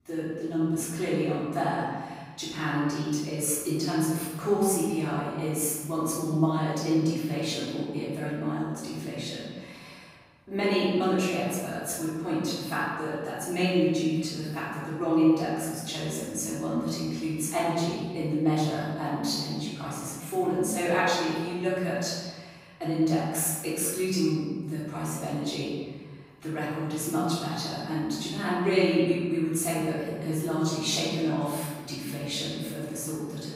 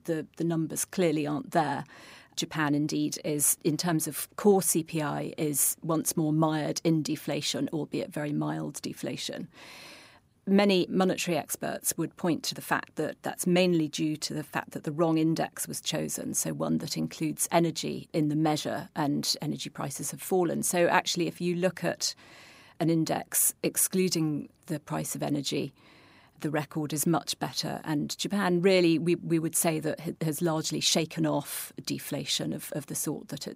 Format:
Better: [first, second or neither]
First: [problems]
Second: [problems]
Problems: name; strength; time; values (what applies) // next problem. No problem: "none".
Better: second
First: off-mic speech; far // room echo; strong; dies away in 1.4 s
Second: none